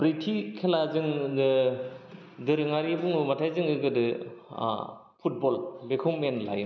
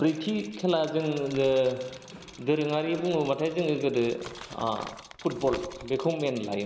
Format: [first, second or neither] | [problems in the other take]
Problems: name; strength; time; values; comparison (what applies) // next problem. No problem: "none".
first | background sound (Crumpling, crinkling + Rattle); 19 dB below the speech